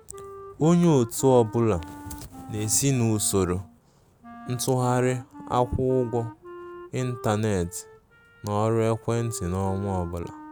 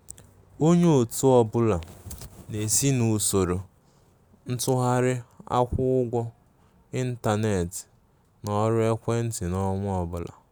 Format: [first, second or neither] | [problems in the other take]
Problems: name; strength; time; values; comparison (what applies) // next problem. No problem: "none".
second | background sound (Wind instrument, woodwind instrument); 18 dB below the speech